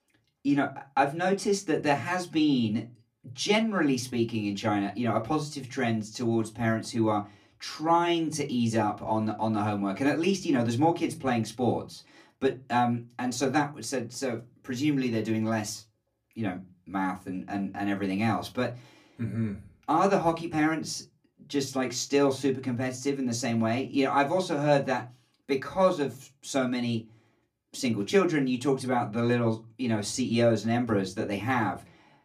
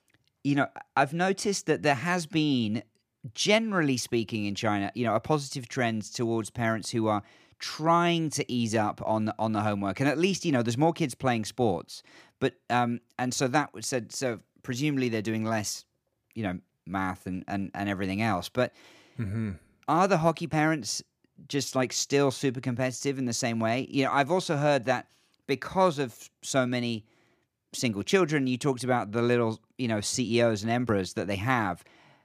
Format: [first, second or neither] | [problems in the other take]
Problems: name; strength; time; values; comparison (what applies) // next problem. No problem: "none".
second | off-mic speech; far // room echo; very slight; dies away in 0.2 s